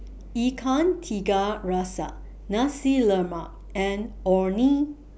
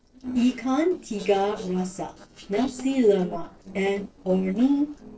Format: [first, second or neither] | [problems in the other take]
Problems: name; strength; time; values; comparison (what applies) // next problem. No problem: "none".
first | noise reduction (neural separator model SepFormer DNS4)